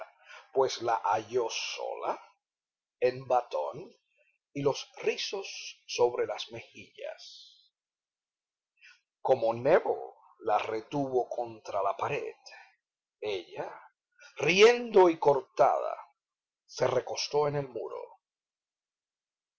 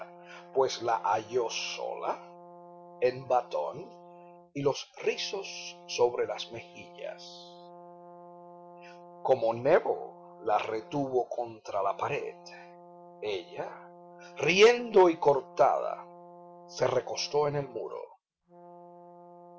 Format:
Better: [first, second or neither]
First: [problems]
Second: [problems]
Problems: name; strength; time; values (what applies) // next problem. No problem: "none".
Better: first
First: none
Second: background sound (Brass instrument); 20 dB below the speech